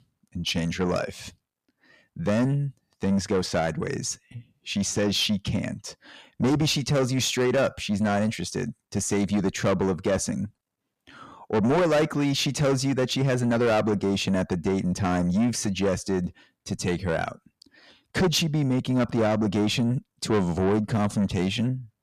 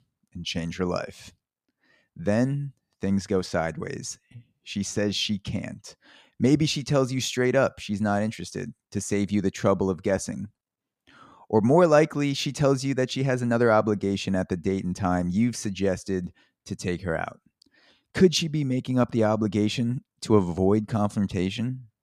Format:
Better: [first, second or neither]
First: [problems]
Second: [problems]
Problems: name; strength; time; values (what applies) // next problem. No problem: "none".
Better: second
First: distortion; heavy; 7 dB below the speech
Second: none